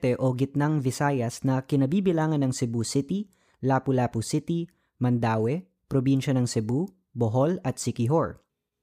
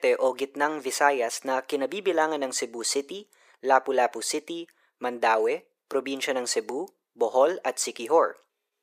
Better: first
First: none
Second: thin; very; fading below 450 Hz

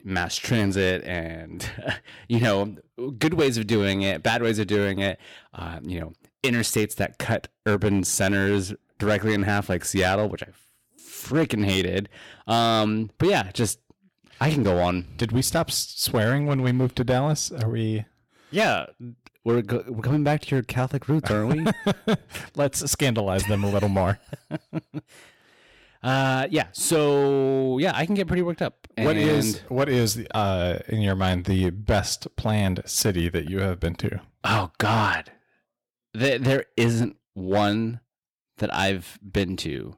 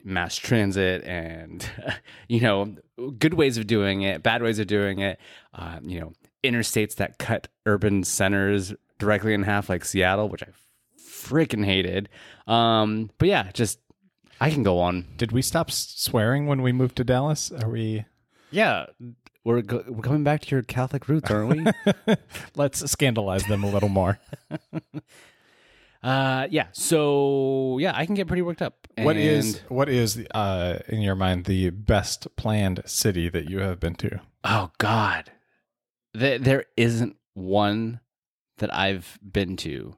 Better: second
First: distortion; slight; 5% of the sound clipped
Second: none

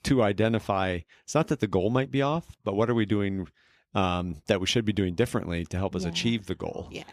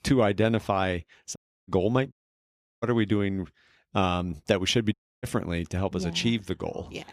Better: first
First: none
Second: audio cutting out; at 1.5 s, at 2 s for 0.5 s and at 5 s

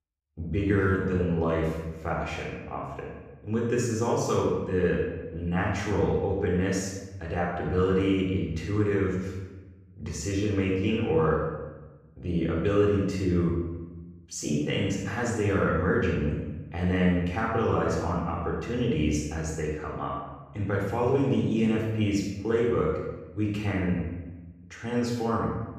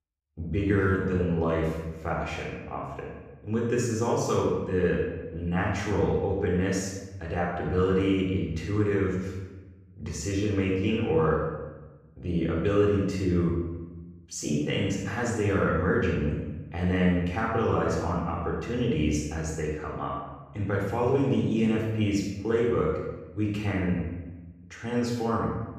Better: neither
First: off-mic speech; far // room echo; strong; dies away in 1 s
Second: off-mic speech; far // room echo; strong; dies away in 1 s

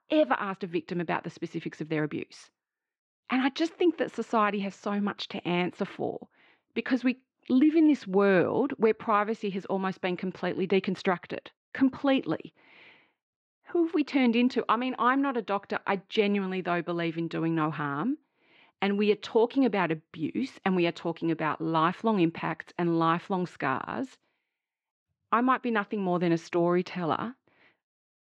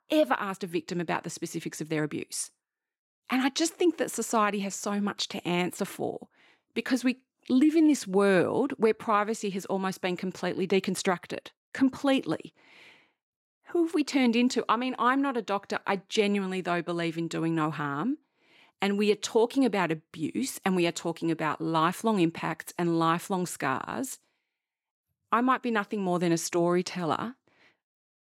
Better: second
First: muffled; slightly; fading above 3.5 kHz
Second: none

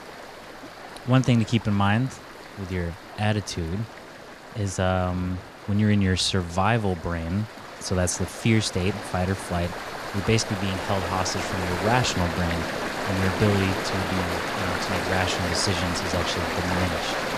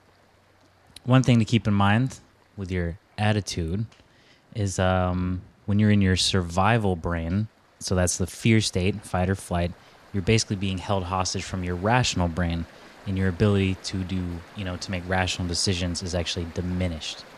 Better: second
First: rain or running water; loud; throughout; 4 dB below the speech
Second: rain or running water; faint; throughout; 25 dB below the speech

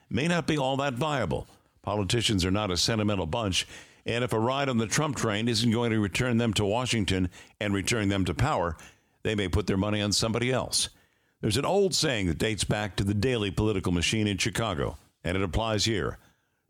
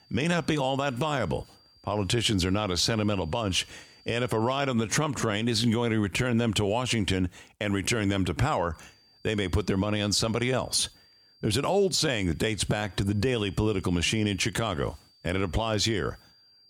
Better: first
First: none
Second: high-pitched whine; faint; until 4.5 s and from 8.5 s on; 4.5 kHz, 30 dB below the speech

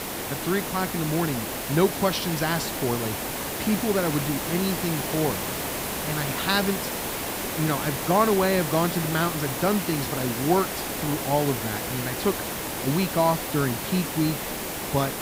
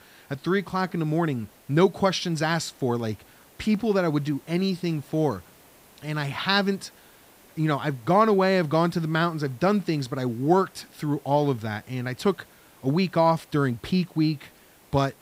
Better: second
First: hiss; loud; throughout; 3 dB below the speech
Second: hiss; faint; throughout; 30 dB below the speech

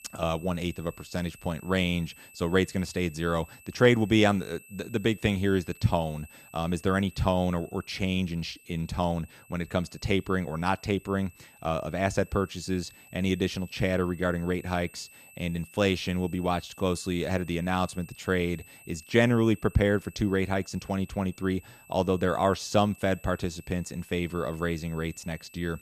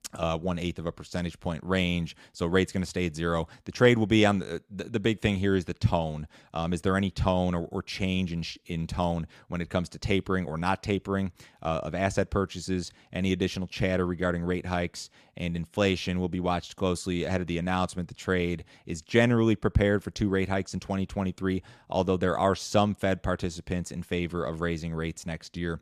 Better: second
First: high-pitched whine; faint; throughout; 2.5 kHz, 25 dB below the speech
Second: none

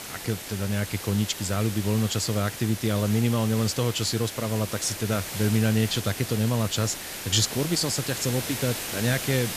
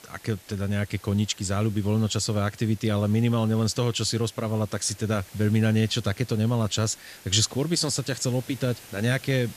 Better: second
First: hiss; loud; throughout; 7 dB below the speech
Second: hiss; faint; throughout; 20 dB below the speech

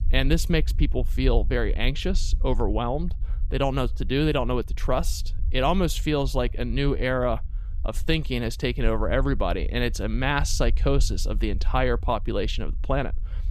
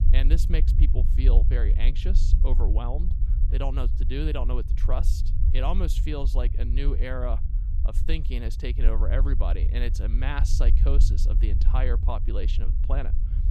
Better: first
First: low rumble; faint; throughout; 25 dB below the speech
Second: low rumble; loud; throughout; 9 dB below the speech

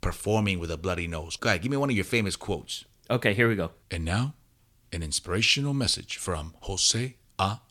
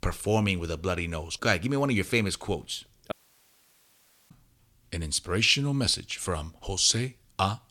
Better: first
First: none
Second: audio cutting out; at 3 s for 1 s

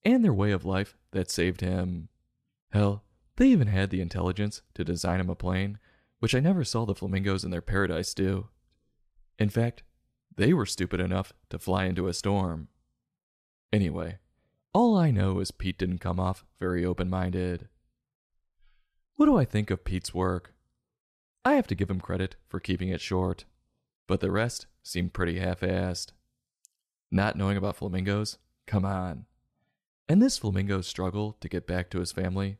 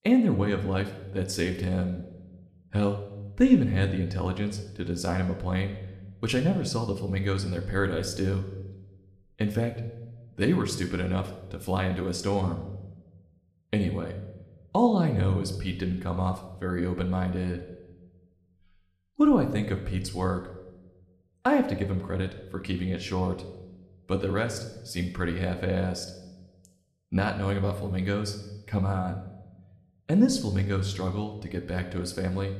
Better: first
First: none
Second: room echo; slight; dies away in 0.8 s

